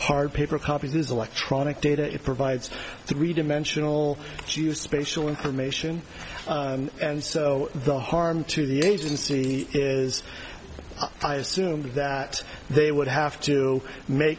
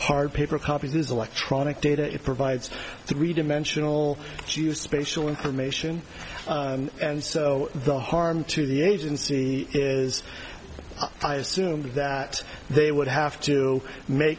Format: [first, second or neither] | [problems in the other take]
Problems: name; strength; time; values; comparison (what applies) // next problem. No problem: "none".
second | background sound (Shatter); 16 dB below the speech